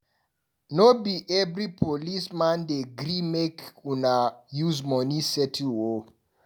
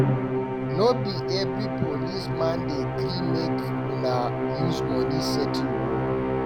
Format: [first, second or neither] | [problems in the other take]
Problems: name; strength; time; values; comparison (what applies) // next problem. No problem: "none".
first | background sound (Musical instrument); 4 dB above the speech